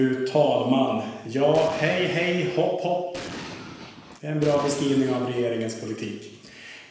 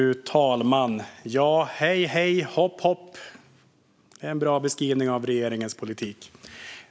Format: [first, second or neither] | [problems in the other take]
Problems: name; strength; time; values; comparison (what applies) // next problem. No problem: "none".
second | background sound (Explosion); 13 dB below the speech // room echo; dies away in 1 s